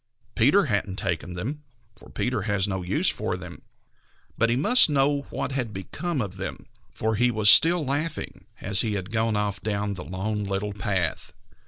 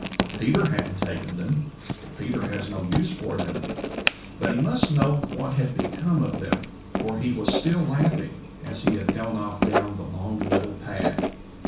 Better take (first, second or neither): first